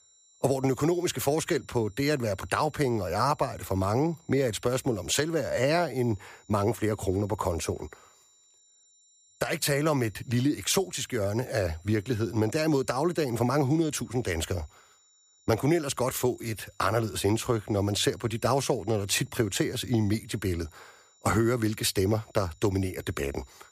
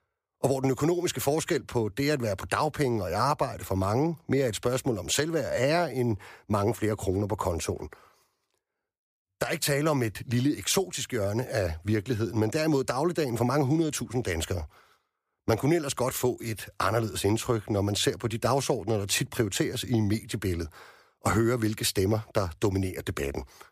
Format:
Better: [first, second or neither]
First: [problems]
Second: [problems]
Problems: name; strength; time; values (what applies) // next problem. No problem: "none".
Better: second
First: high-pitched whine; faint; throughout; 7 kHz, 30 dB below the speech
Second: none